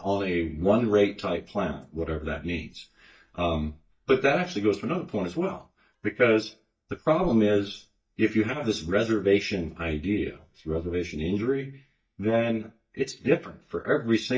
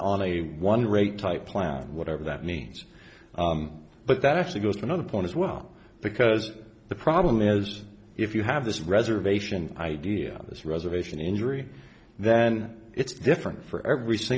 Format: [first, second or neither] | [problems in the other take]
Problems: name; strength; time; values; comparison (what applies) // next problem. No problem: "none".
second | noise reduction (neural mask model DeepFilterNet 3)